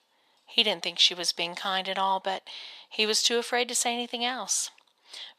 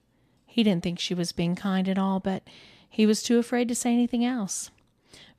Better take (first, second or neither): second